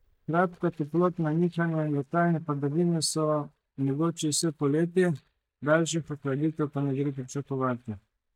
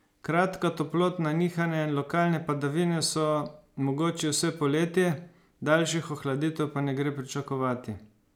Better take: second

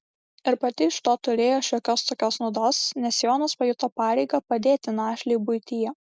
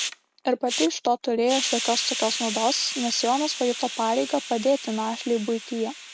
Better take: first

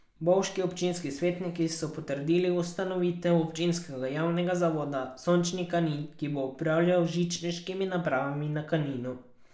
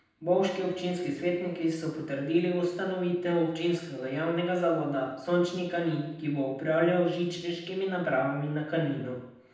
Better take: first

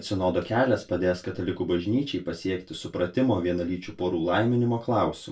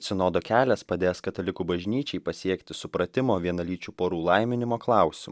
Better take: second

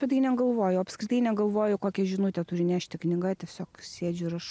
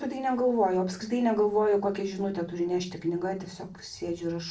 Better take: first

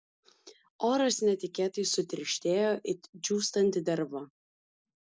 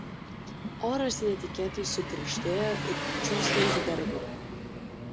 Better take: first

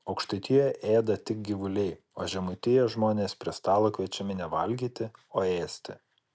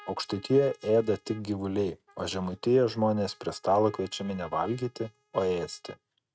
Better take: first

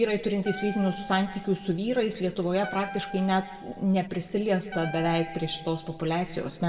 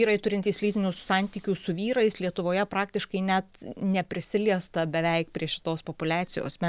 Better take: second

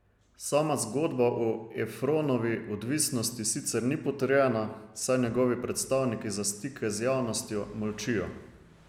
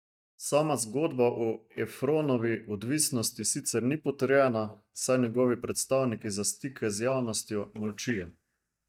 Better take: first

